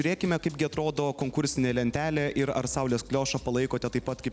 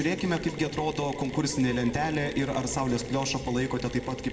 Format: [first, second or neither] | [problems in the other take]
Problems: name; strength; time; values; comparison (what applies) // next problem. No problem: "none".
first | background sound (Mechanisms); 12 dB below the speech // room echo; dies away in 1 s